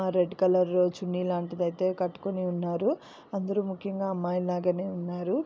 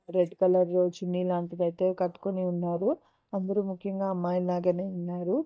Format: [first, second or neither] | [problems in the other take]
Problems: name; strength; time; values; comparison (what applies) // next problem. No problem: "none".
first | noise reduction (neural mask model DeepFilterNet 3)